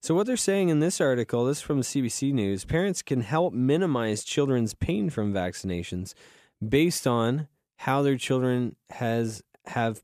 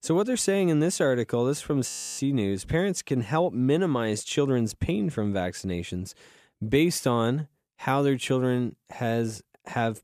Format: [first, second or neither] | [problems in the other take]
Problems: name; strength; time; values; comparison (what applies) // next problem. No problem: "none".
first | audio freezing; at 2 s